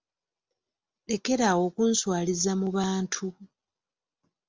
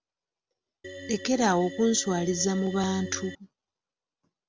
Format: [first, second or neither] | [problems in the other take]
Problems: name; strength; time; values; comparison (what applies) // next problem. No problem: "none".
first | background sound (Organ); 12 dB below the speech